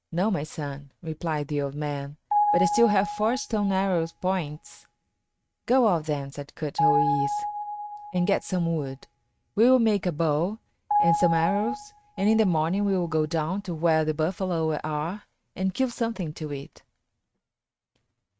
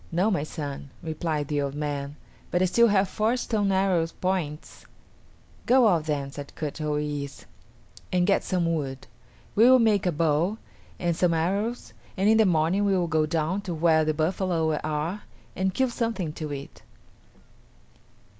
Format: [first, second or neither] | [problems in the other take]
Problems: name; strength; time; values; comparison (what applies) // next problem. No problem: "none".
second | noise reduction (neural mask model RNNoise)